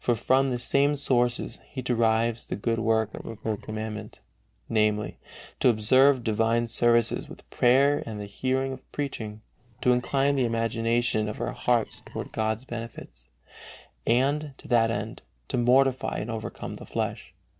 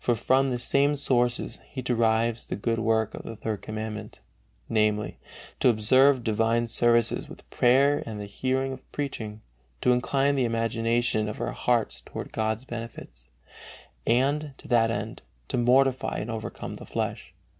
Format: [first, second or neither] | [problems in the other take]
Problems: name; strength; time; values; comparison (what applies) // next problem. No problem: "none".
second | noise reduction (neural separator model SepFormer DNS4)